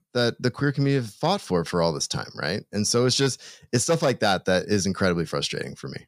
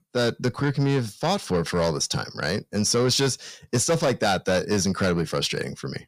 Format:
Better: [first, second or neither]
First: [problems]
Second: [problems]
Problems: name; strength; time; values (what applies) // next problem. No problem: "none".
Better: first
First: none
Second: distortion; slight; 10 dB below the speech